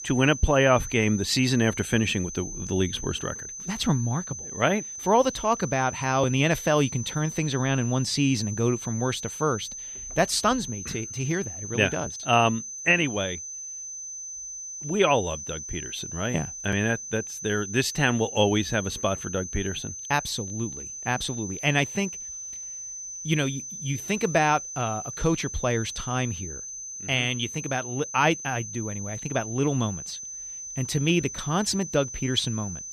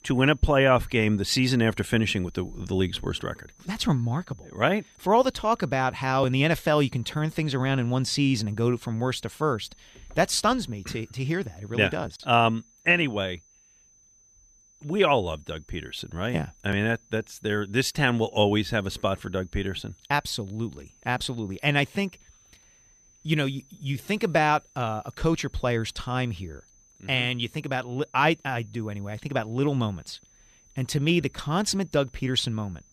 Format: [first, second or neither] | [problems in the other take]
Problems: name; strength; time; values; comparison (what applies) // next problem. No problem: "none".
second | high-pitched whine; loud; throughout; 6 kHz, 9 dB below the speech; faint in the second